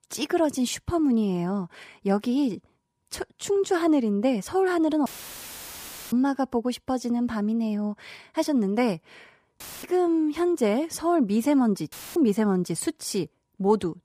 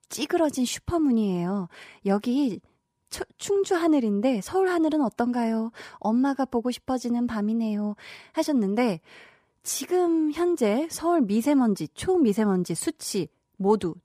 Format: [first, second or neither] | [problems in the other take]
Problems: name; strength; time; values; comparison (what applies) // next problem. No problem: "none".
second | audio cutting out; filled with static; at 5 s for 1 s, at 9.5 s and at 12 s